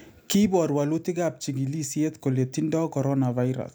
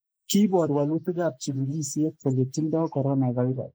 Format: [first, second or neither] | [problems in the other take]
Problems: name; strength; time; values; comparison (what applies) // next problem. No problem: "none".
first | noise reduction (neural mask model Resemble Enhance denoiser)